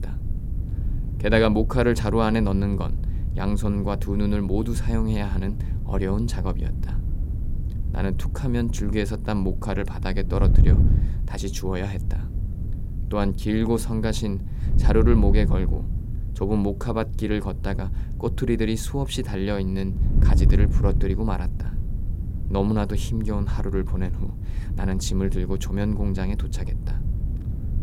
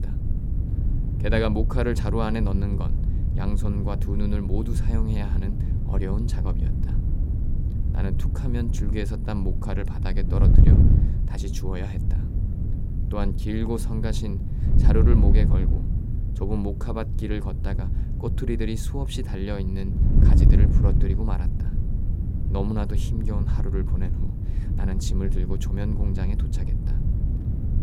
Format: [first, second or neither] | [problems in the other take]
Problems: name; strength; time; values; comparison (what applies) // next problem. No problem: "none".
first | wind noise on the microphone; heavy; 5 dB below the speech; occasional gusts in the first